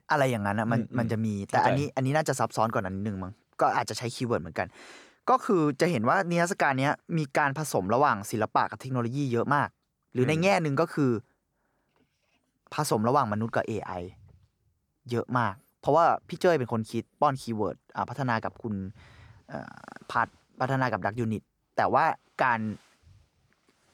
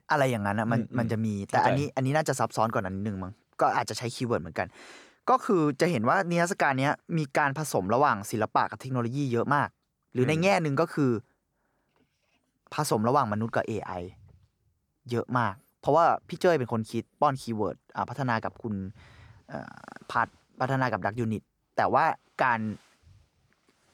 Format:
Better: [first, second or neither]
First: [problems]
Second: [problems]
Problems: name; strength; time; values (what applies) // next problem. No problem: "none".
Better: neither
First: none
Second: none